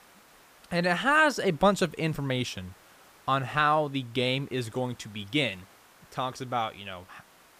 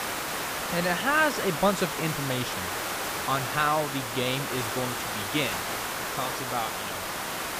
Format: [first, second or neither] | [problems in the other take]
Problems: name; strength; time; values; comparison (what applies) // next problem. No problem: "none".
first | hiss; loud; throughout; 2 dB below the speech; faint in the first